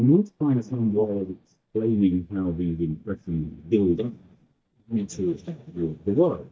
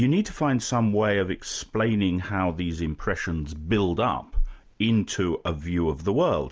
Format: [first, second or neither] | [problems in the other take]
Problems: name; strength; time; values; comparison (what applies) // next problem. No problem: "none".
second | noise reduction (neural mask model DeepFilterNet 3)